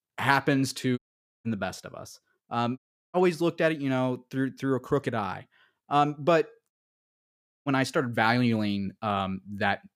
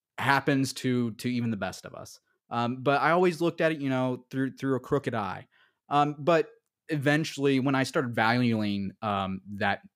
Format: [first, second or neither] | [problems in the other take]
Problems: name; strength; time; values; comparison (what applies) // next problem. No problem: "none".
second | audio cutting out; at 1 s, at 3 s and at 6.5 s for 1 s